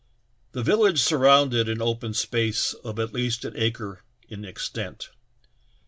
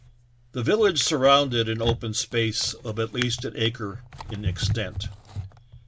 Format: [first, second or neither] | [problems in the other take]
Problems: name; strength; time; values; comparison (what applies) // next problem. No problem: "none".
first | background sound (Drawer open or close); 9 dB below the speech